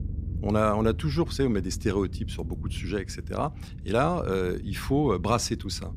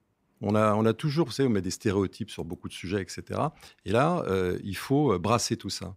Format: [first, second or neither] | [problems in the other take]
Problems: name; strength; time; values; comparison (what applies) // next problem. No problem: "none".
second | low rumble; faint; throughout; 20 dB below the speech